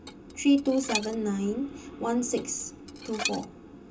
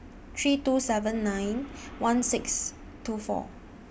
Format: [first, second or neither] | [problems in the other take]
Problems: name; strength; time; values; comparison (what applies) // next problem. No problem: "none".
second | background sound (Dishes, pots, and pans); 9 dB below the speech // room echo; dies away in 0.2 s